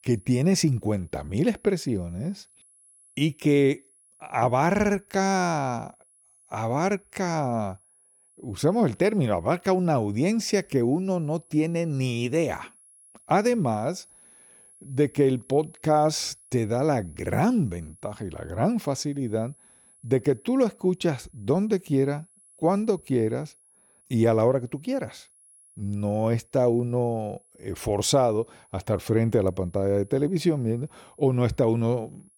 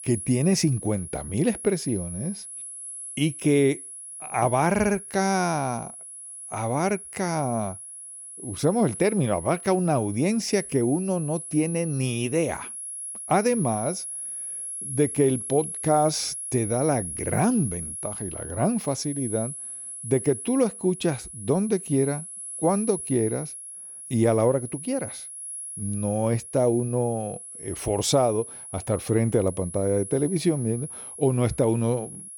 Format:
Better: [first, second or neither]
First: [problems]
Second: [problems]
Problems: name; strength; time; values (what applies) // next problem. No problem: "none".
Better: first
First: high-pitched whine; faint; throughout; 10.5 kHz, 30 dB below the speech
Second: high-pitched whine; loud; throughout; 10.5 kHz, 9 dB below the speech